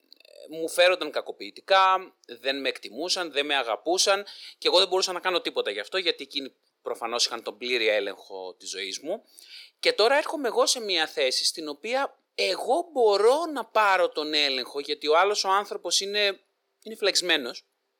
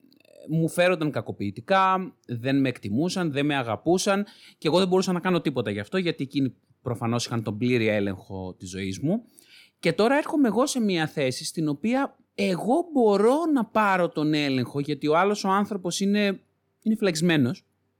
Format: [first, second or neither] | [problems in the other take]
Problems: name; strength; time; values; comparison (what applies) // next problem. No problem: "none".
second | thin; very; fading below 450 Hz